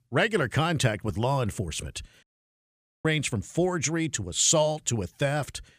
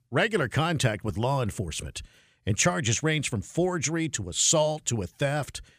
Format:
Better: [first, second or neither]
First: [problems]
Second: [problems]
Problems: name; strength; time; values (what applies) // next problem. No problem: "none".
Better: second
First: audio cutting out; at 2 s for 1 s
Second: none